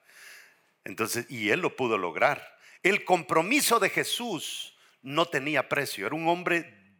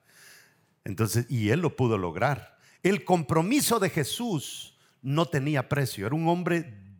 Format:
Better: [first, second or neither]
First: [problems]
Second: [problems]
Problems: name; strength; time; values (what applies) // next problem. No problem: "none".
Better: second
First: thin; somewhat; fading below 300 Hz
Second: none